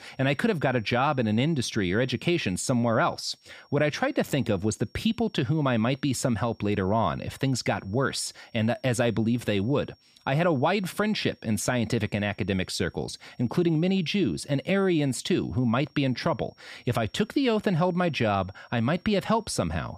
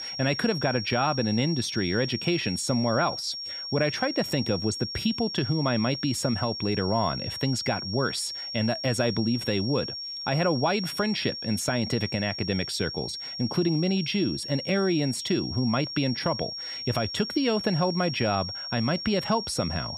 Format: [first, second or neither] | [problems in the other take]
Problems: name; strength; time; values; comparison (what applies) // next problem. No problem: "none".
first | high-pitched whine; loud; throughout; 5.5 kHz, 6 dB below the speech; faint in the first